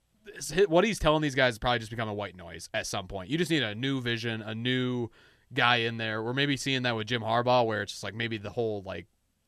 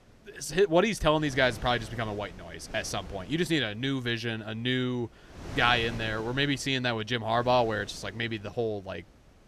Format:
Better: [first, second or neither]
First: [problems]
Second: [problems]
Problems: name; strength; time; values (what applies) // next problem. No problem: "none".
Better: first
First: none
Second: wind noise on the microphone; occasional gusts; 20 dB below the speech